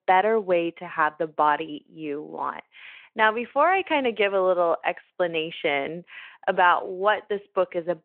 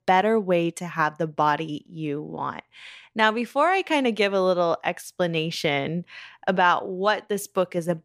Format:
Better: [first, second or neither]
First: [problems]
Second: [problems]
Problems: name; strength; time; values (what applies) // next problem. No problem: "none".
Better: second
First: phone-call audio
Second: none